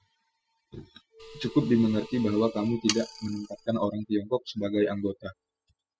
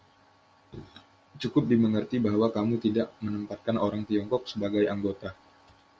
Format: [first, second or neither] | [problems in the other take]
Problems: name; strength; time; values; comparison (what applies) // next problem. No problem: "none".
second | noise reduction (classical method spectral subtraction)